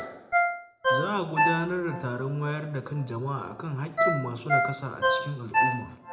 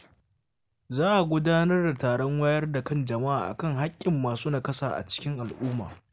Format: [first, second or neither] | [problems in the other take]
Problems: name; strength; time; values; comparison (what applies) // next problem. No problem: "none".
second | background sound (Ringtone); 3 dB above the speech // room echo; dies away in 0.5 s